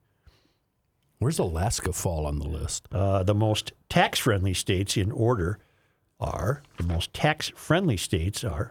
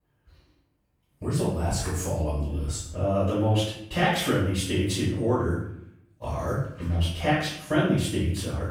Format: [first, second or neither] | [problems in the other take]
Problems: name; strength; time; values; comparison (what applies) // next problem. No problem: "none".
first | off-mic speech; far // room echo; noticeable; dies away in 0.6 s